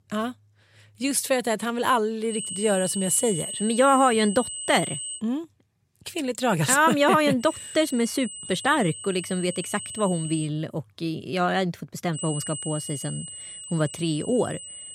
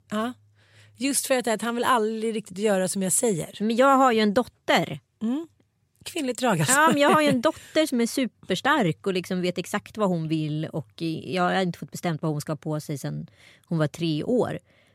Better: second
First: high-pitched whine; loud; from 2.5 to 5 s, from 7.5 to 10 s and from 12 s on; 8.5 kHz, 8 dB below the speech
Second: none

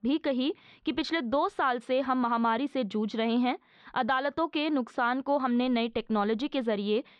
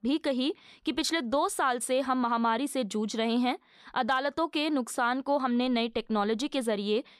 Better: second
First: muffled; very slightly; fading above 3.5 kHz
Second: none

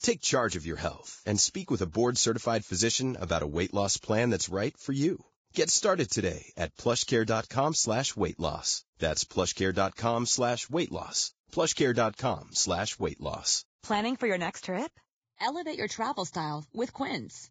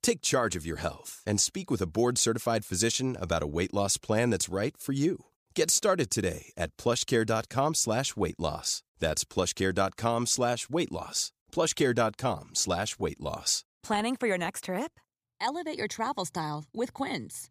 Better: second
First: garbled, watery; badly; nothing above 7.5 kHz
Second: none

